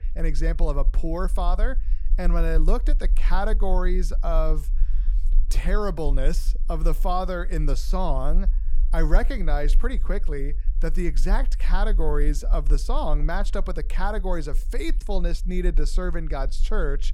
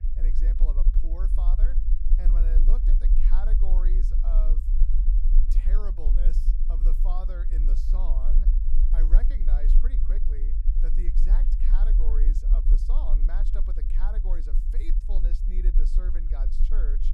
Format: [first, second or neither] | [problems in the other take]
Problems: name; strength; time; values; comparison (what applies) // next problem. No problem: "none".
first | low rumble; loud; throughout; 4 dB below the speech; faint in the first